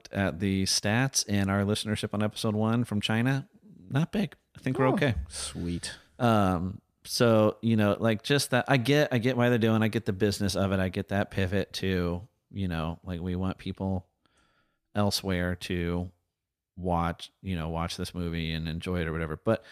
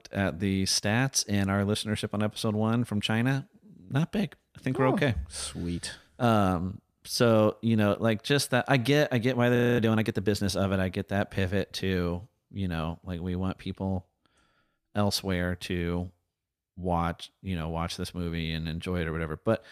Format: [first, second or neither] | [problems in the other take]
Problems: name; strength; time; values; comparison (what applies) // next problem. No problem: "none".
first | audio freezing; at 9.5 s